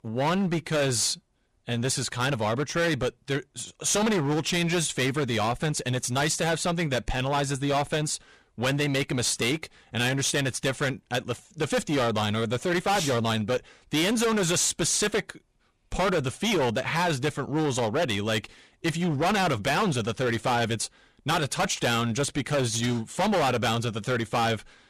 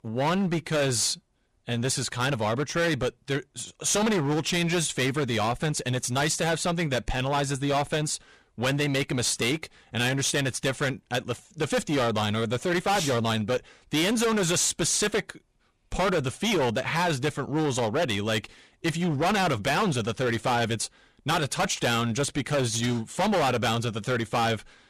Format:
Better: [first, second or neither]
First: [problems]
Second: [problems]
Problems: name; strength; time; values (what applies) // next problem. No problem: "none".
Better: neither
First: distortion; heavy; 17% of the sound clipped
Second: distortion; heavy; 17% of the sound clipped